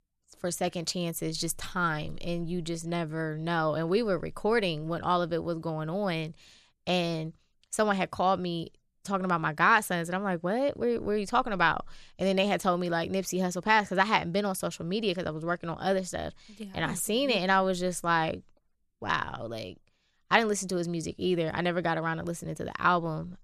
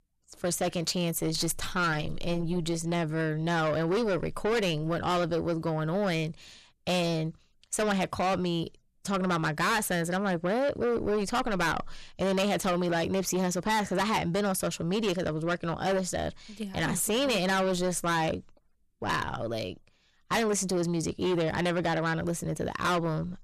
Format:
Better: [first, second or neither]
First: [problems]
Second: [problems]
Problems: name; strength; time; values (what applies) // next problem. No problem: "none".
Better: first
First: none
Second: distortion; heavy; 6 dB below the speech